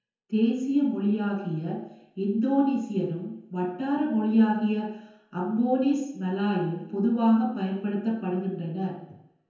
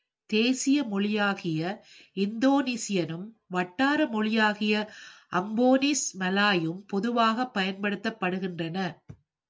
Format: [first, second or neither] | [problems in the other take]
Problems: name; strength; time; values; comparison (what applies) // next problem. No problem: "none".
second | room echo; dies away in 0.9 s